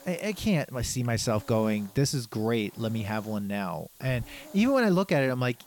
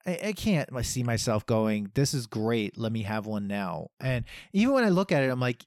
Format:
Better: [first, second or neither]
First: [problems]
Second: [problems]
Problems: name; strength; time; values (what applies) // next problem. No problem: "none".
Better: second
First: hiss; faint; throughout; 20 dB below the speech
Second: none